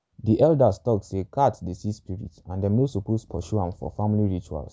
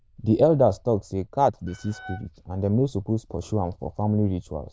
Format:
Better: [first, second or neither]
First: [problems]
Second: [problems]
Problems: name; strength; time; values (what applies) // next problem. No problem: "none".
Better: first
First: none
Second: noise reduction (neural diffusion model UNIVERSE++)